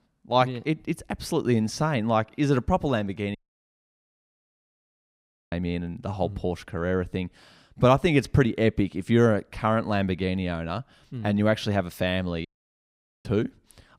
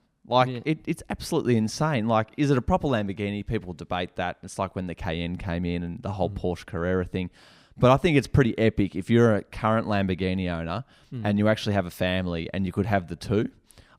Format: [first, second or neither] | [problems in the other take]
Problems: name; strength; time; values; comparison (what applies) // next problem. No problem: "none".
second | audio cutting out; at 3.5 s for 2 s and at 12 s for 1 s